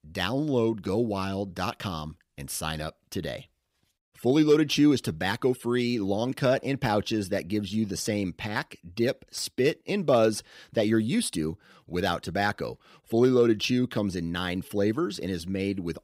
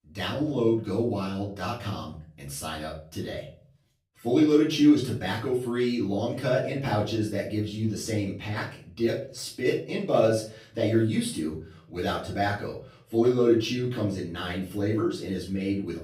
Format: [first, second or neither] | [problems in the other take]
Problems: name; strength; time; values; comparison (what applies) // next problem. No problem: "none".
first | off-mic speech; far // room echo; slight; dies away in 0.4 s